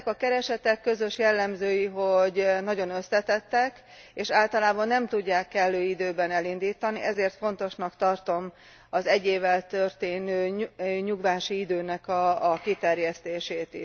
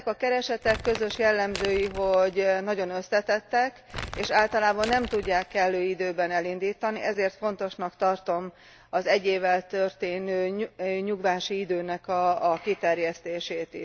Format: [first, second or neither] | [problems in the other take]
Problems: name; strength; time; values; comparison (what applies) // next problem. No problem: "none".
first | background sound (Crumpling, crinkling); 11 dB below the speech